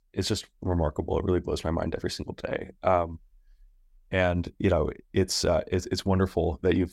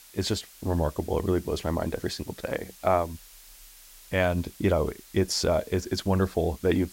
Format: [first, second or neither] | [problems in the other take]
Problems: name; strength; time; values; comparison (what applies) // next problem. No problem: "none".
first | hiss; faint; throughout; 20 dB below the speech